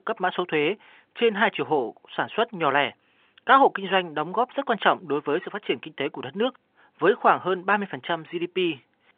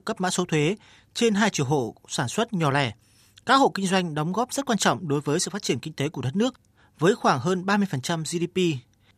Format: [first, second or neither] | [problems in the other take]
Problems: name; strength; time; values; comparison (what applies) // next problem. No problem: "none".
second | phone-call audio; nothing above 3.5 kHz